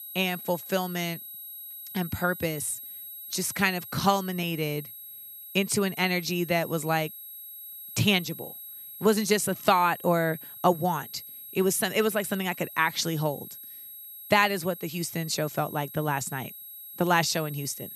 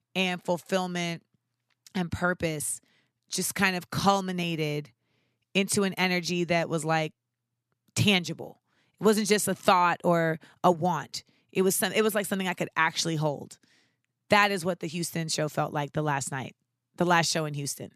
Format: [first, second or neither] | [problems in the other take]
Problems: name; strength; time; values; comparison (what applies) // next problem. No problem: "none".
second | high-pitched whine; noticeable; throughout; 11.5 kHz, 10 dB below the speech